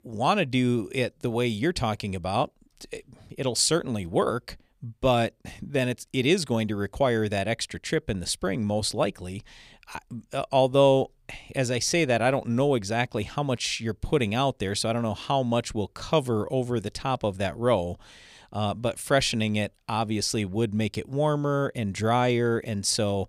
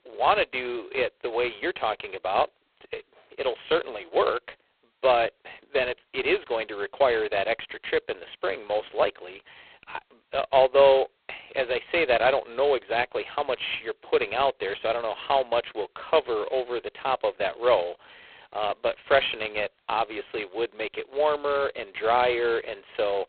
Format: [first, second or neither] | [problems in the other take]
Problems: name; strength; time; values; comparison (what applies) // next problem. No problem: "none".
first | phone-call audio; poor line; nothing above 4 kHz